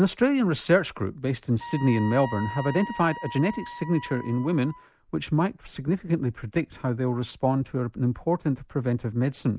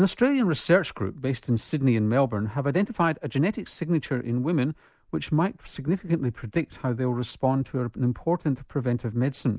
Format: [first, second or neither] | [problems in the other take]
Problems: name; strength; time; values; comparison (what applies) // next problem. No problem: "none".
second | background sound (Wind instrument, woodwind instrument); 13 dB below the speech